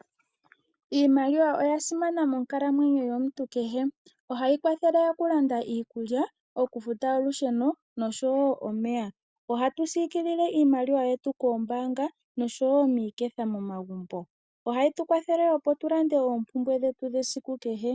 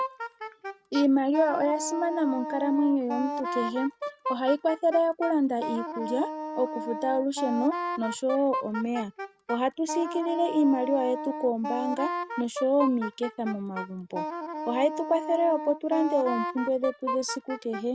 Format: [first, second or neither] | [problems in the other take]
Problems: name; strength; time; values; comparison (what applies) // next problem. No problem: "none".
first | background sound (Wind instrument, woodwind instrument); 7 dB below the speech